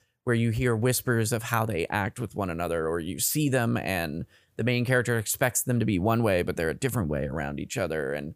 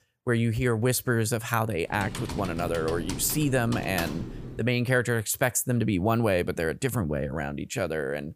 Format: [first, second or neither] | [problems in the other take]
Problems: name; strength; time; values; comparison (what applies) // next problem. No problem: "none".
first | keyboard typing; noticeable; from 2 to 4.5 s; peak 7 dB below the speech